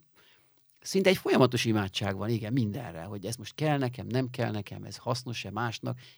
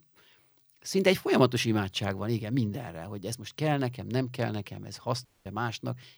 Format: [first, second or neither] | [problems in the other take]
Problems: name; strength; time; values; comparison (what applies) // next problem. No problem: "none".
first | audio cutting out; at 5.5 s